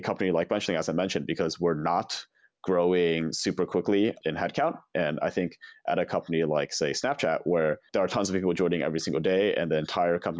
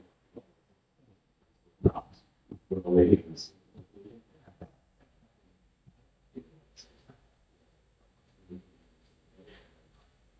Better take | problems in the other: first | noise reduction (neural mask model DeepFilterNet 3)

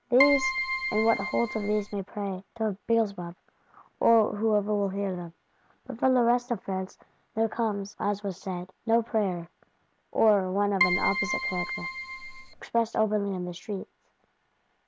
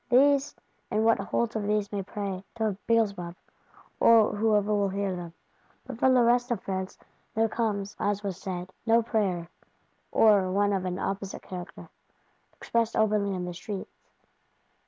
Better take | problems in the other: second | background sound (Keyboard (musical)); 2 dB below the speech

